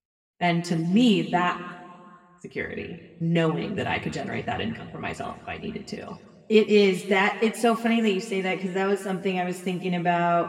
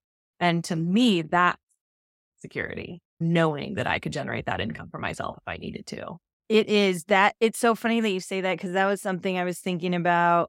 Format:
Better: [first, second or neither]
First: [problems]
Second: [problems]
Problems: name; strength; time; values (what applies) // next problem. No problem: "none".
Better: second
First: room echo; slight; dies away in 1.5 s // off-mic speech; somewhat distant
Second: none